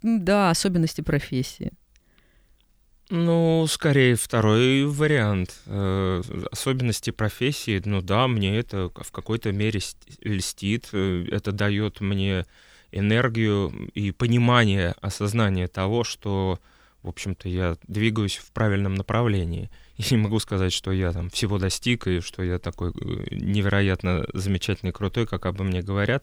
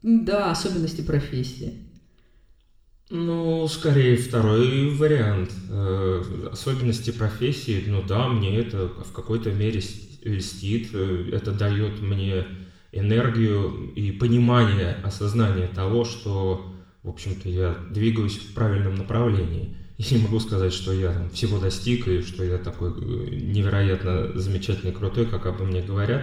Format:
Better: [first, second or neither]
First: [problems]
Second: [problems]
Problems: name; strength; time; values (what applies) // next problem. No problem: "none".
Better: first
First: none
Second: room echo; noticeable; dies away in 0.7 s // off-mic speech; somewhat distant